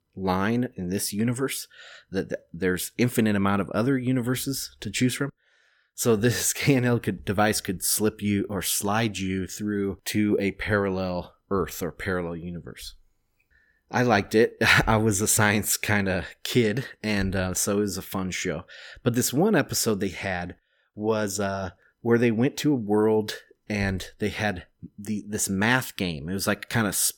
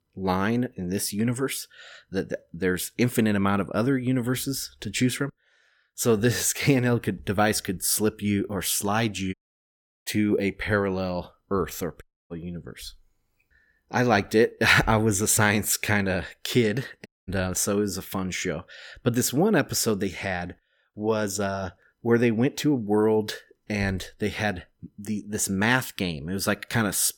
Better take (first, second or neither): first